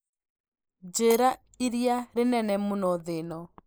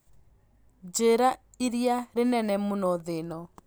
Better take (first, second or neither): second